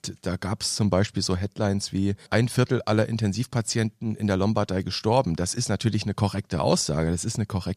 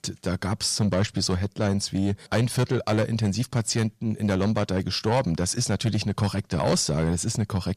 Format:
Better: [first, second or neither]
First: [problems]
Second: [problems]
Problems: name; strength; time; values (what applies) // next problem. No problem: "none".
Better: first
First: none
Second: distortion; slight; 10 dB below the speech